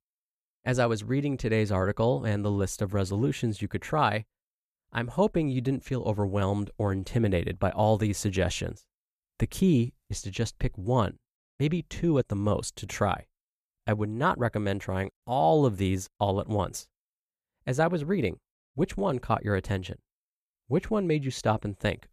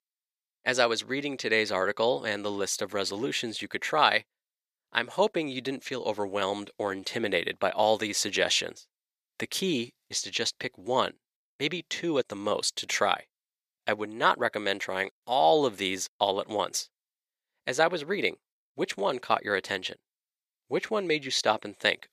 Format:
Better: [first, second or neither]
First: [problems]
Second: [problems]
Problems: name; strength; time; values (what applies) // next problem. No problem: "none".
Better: first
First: none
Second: thin; somewhat; fading below 400 Hz